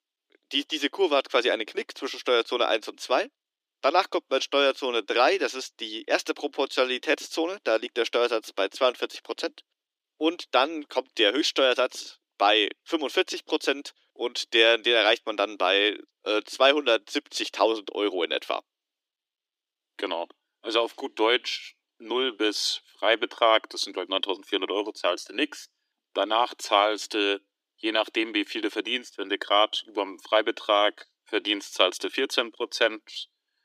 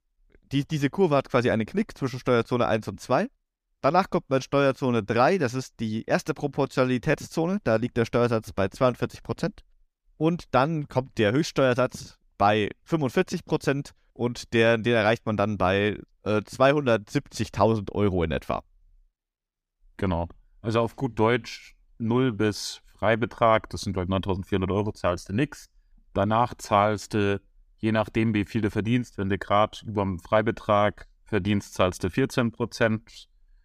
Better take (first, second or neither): second